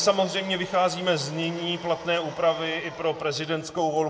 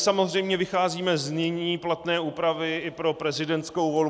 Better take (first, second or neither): second